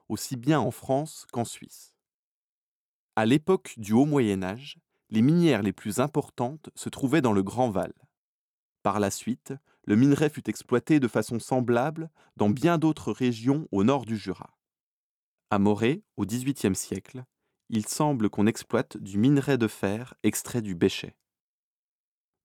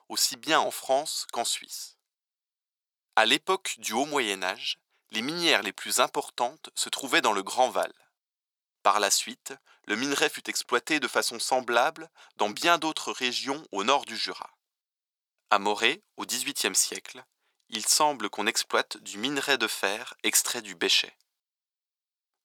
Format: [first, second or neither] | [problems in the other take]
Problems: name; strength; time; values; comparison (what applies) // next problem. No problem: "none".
first | thin; very; fading below 800 Hz